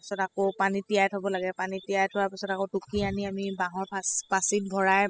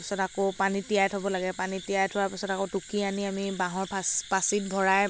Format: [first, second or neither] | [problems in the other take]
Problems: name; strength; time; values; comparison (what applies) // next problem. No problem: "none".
second | noise reduction (classical method spectral subtraction)